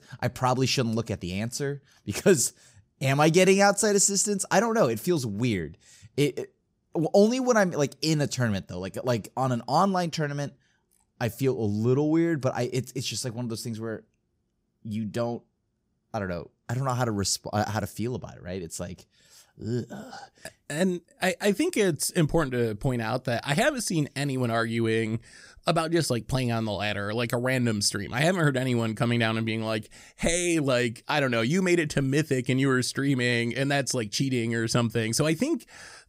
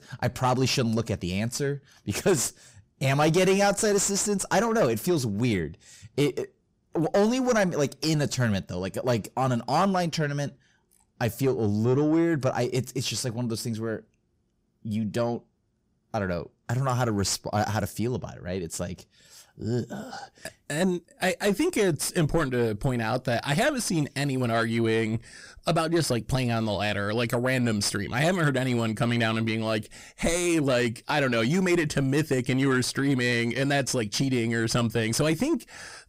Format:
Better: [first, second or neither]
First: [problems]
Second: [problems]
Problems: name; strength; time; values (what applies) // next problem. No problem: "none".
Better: first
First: none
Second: distortion; slight; 10 dB below the speech